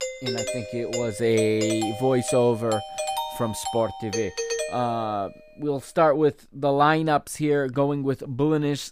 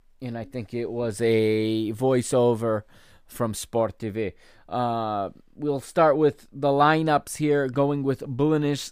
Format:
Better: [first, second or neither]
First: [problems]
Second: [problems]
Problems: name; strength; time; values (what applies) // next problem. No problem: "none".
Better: second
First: doorbell; noticeable; until 5 s; peak 3 dB below the speech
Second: none